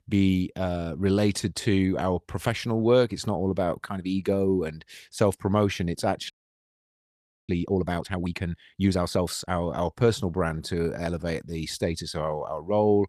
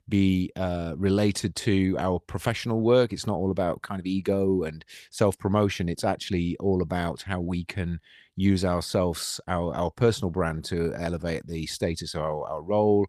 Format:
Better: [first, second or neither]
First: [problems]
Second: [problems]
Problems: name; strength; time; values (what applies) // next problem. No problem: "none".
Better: second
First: audio freezing; at 6.5 s for 1 s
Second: none